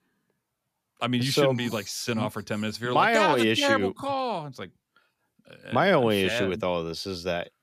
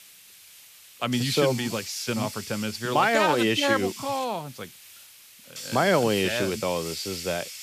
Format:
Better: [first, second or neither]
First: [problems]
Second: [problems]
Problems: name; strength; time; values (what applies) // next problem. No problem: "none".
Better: first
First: none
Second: hiss; noticeable; throughout; 15 dB below the speech